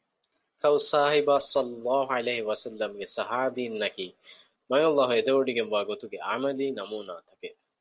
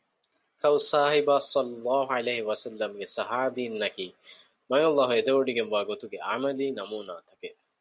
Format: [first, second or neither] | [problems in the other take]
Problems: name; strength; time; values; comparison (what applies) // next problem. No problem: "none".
second | noise reduction (neural separator model SepFormer DNS4)